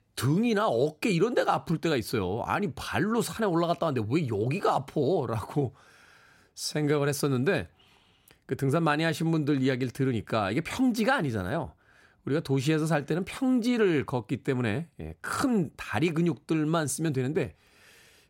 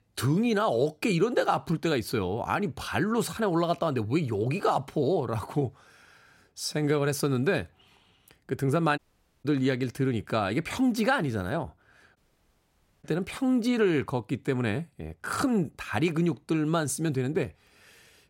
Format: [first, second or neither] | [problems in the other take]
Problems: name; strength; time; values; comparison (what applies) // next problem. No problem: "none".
first | audio cutting out; at 9 s and at 12 s for 1 s